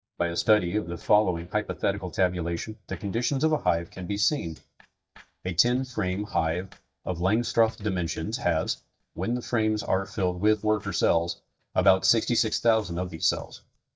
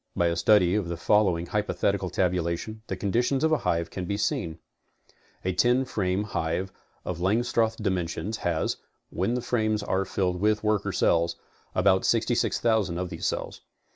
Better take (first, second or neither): second